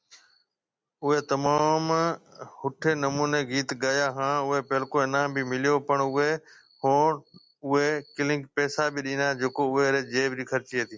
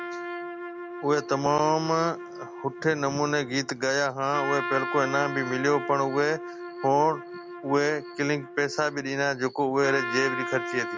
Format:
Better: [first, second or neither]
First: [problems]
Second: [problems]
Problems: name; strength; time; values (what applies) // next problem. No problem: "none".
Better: first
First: none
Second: background sound (Trumpet); 9 dB below the speech